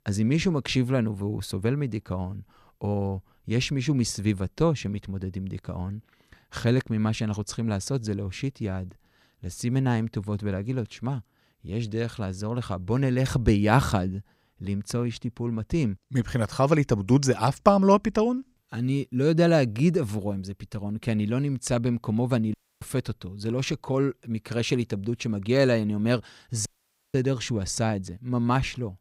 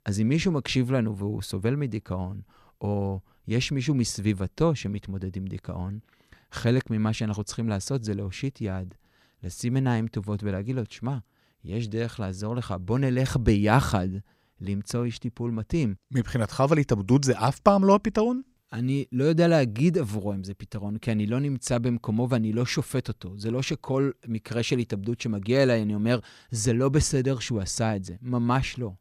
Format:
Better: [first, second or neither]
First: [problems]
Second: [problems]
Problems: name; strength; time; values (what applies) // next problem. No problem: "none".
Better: second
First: audio cutting out; at 23 s and at 27 s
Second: none